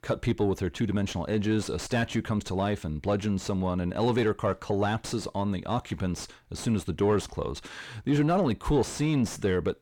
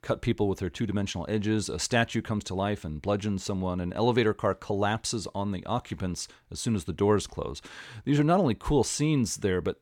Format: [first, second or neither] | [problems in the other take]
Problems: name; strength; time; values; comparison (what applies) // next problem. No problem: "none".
second | distortion; slight; 10 dB below the speech